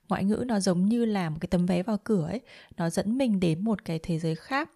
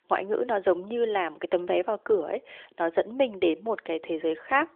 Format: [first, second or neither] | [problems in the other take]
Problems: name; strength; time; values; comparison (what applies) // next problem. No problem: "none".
first | phone-call audio; nothing above 3.5 kHz